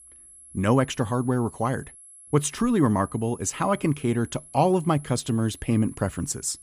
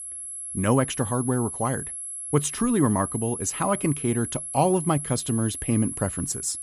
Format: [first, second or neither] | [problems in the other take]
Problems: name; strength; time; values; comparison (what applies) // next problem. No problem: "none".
first | high-pitched whine; loud; throughout; 11 kHz, 6 dB below the speech; faint in the first